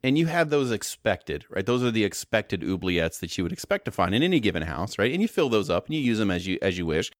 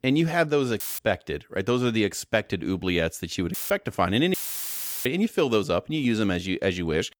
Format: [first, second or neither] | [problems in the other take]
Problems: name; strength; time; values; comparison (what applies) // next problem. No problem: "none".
first | audio cutting out; filled with static; at 1 s, at 3.5 s and at 4.5 s for 0.5 s